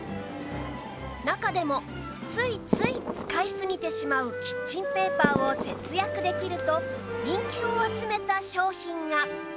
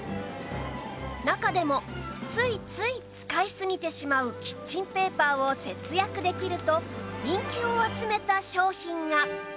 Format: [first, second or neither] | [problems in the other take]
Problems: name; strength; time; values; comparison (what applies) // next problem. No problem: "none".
second | background sound (Wind instrument, woodwind instrument + Fireworks); 4 dB below the speech